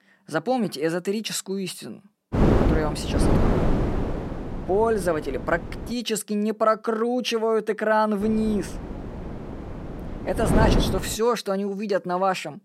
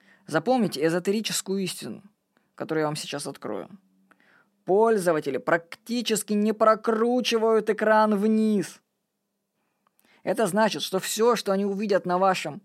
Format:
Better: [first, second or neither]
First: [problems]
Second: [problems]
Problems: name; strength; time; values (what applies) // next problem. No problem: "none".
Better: second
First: wind noise on the microphone; heavy; from 2.5 to 6 s and from 8 to 11 s; 5 dB below the speech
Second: none